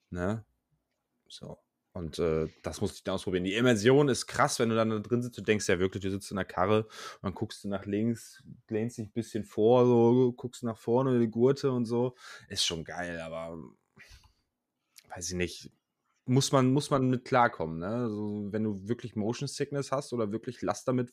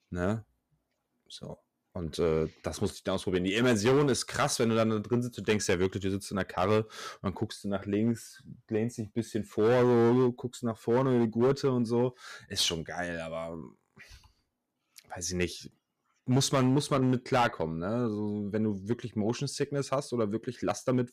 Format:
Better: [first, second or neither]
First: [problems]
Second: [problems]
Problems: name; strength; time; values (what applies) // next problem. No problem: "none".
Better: first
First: none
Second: distortion; slight; 5% of the sound clipped